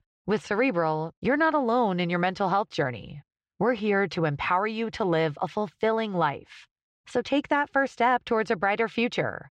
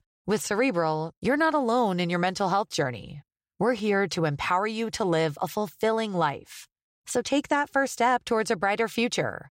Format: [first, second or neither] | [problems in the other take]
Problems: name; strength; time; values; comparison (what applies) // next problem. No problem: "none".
second | muffled; slightly; fading above 3 kHz